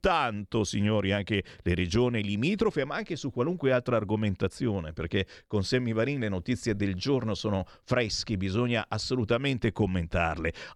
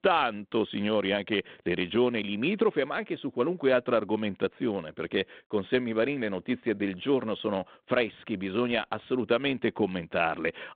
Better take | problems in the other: first | phone-call audio

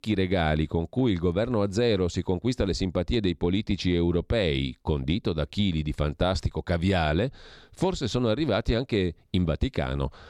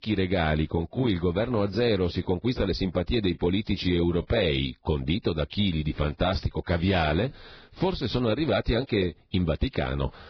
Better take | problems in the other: first | garbled, watery; badly; nothing above 5.5 kHz

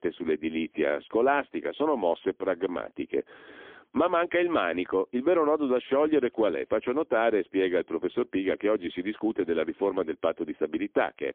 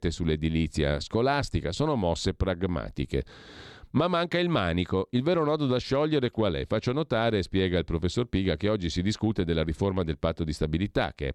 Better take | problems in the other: second | phone-call audio; poor line; nothing above 3.5 kHz

